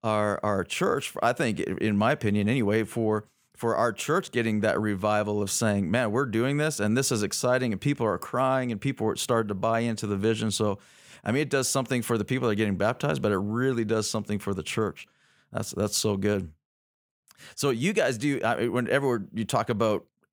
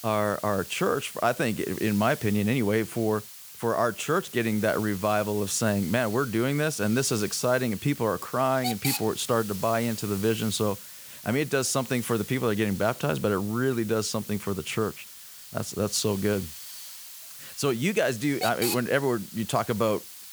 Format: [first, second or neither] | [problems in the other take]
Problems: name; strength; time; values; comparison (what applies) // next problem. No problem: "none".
first | hiss; noticeable; throughout; 10 dB below the speech